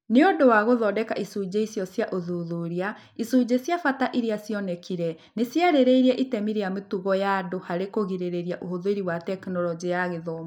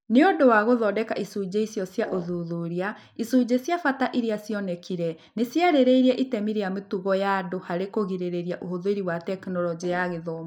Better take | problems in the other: first | noise reduction (neural mask model Resemble Enhance denoiser)

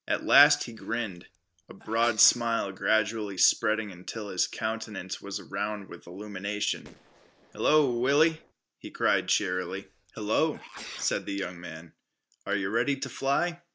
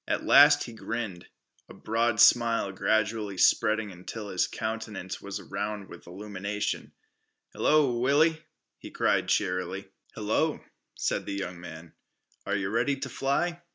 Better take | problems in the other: second | noise reduction (neural separator model SepFormer DNS4)

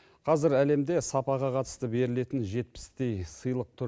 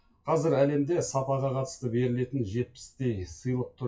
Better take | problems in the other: first | noise reduction (classical method WPE with log-MMSE)

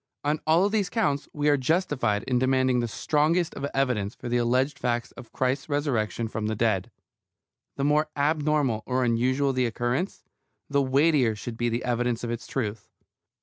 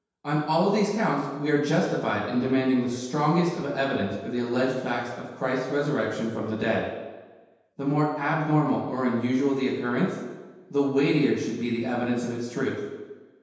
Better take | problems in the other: first | room echo; dies away in 1.2 s

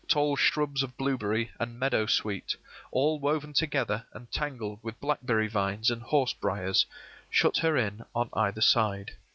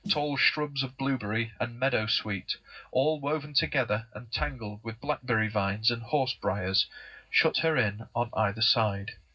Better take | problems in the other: first | noise reduction (neural separator model SepFormer DNS4)

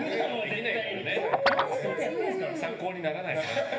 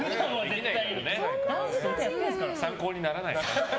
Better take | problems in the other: second | background sound (Guitar); 3 dB below the speech // room echo; dies away in 0.3 s

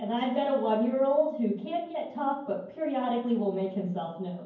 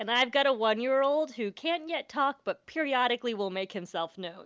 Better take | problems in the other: second | room echo; dies away in 0.9 s

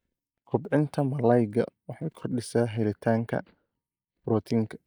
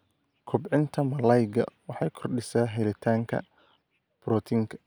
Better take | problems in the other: second | noise reduction (neural mask model DeepFilterNet 3)

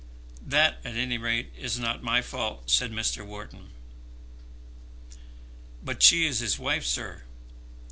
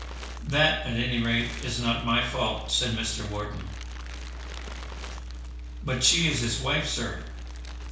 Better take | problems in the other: first | background sound (Crumpling, crinkling); 18 dB below the speech // room echo; dies away in 0.6 s

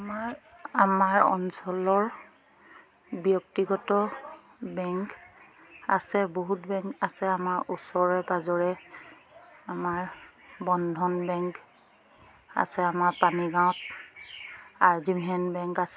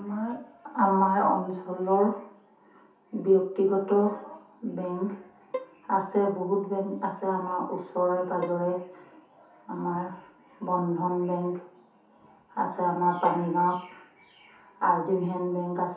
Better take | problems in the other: first | background sound (Bowed string instrument); 14 dB below the speech // room echo; dies away in 0.5 s

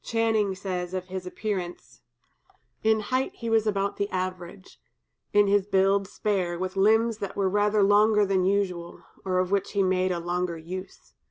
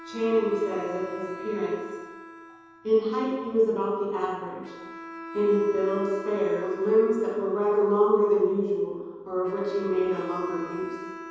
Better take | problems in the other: first | background sound (Bowed string instrument); 15 dB below the speech // room echo; dies away in 1.2 s

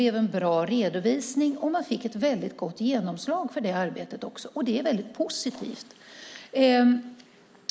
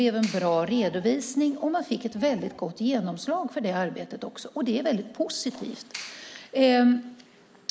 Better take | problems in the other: first | background sound (Clapping + Bird); 18 dB below the speech

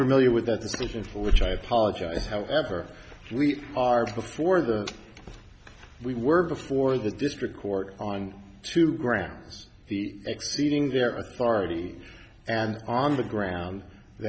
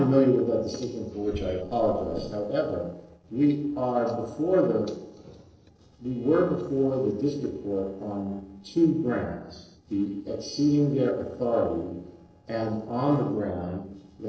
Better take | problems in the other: first | noise reduction (neural separator model SepFormer DNS4)

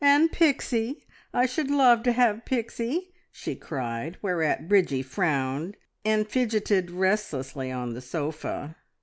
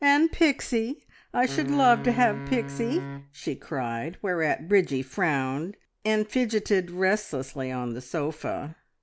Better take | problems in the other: first | background sound (Wind instrument, woodwind instrument); 11 dB below the speech

